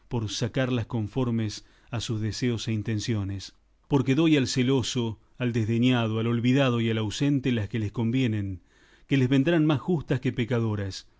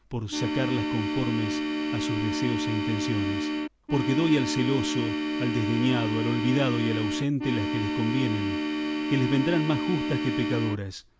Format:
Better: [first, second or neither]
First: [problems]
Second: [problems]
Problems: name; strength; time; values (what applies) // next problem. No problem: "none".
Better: first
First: none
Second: background sound (Organ); as loud as the speech